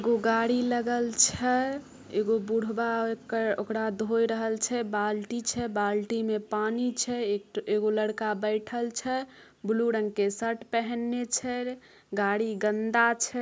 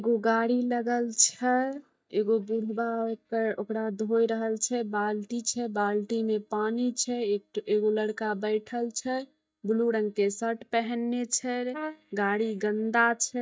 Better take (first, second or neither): first